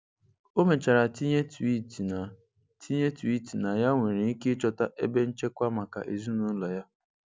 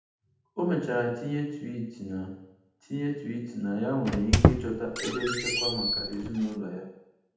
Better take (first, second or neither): first